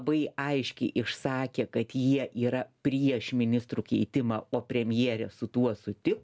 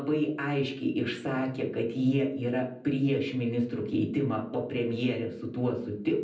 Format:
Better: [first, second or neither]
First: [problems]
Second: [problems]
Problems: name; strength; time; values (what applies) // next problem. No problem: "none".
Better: first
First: none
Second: room echo; dies away in 0.6 s